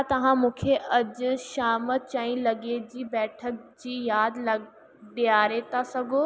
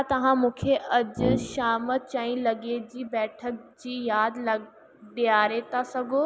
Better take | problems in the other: first | background sound (Brass instrument); 3 dB below the speech

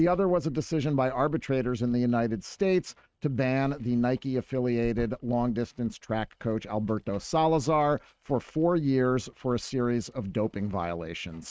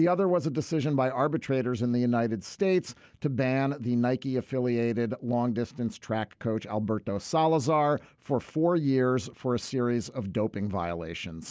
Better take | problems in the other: second | noise reduction (neural mask model RNNoise)

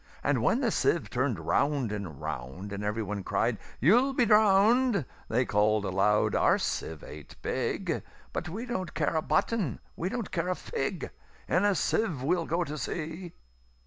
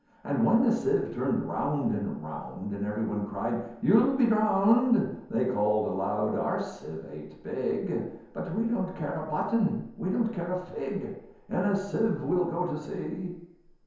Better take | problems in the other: first | room echo; dies away in 0.9 s

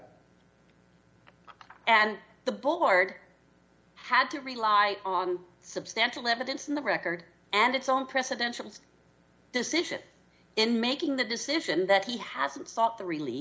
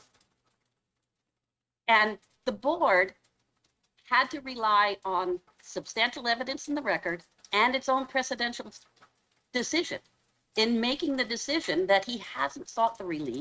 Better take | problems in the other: first | noise reduction (neural mask model RNNoise)

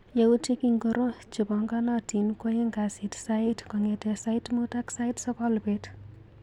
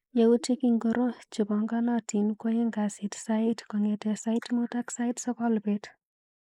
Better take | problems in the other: first | noise reduction (neural mask model Resemble Enhance denoiser)

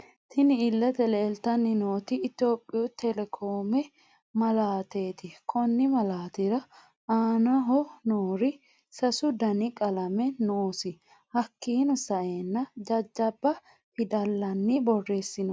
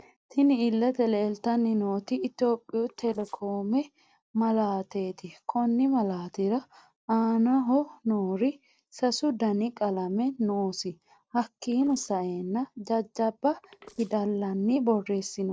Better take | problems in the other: first | noise reduction (neural separator model SepFormer DNS4)

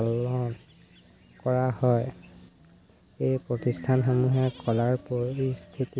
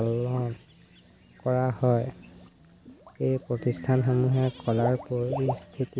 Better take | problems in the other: first | background sound (Water / Liquid); 14 dB below the speech

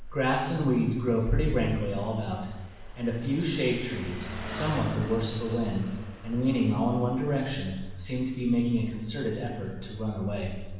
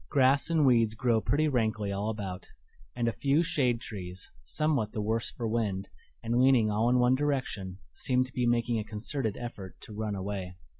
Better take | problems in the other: second | background sound (Engine); 16 dB below the speech // room echo; dies away in 1.1 s

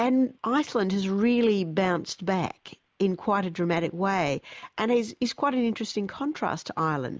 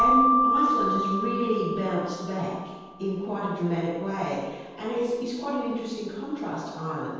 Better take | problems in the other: first | background sound (Keyboard (musical)); as loud as the speech // room echo; dies away in 1.2 s

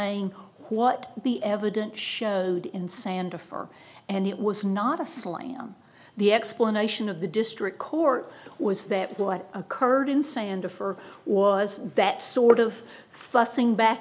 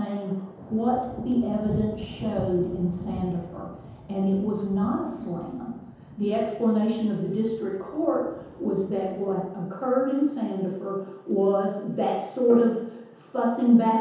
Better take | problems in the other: first | background sound (Thunder); 16 dB below the speech // room echo; dies away in 0.9 s

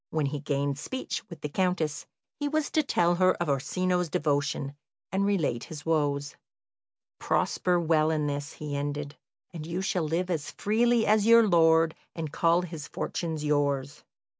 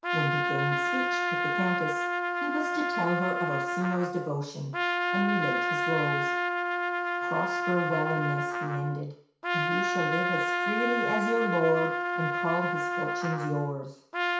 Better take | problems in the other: first | background sound (Trumpet); 2 dB above the speech // room echo; dies away in 0.6 s

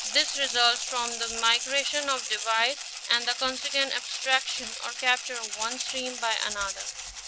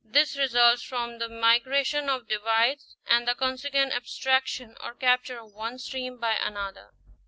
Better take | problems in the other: second | background sound (Rattle (instrument)); 6 dB below the speech

